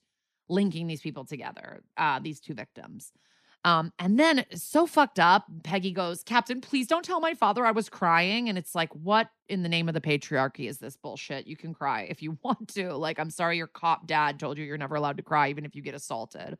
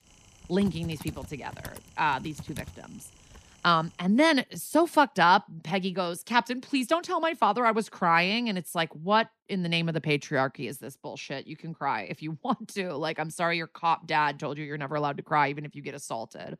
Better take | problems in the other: first | keyboard typing; faint; until 3.5 s; peak 15 dB below the speech

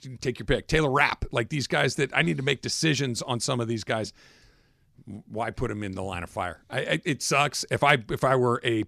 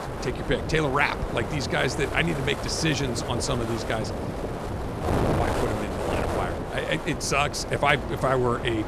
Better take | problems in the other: first | wind noise on the microphone; heavy; 5 dB below the speech

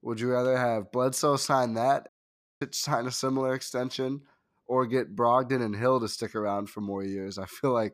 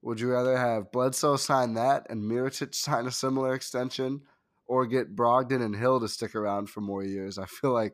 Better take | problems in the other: second | audio cutting out; at 2 s for 0.5 s

